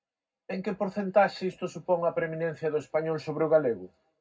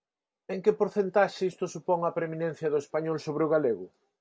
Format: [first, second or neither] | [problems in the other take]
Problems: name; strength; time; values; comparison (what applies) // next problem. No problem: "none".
second | room echo; dies away in 0.3 s